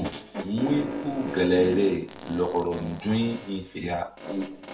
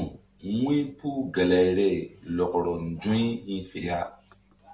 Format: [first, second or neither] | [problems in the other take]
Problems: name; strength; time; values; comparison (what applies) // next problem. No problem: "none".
second | background sound (Fart); 8 dB below the speech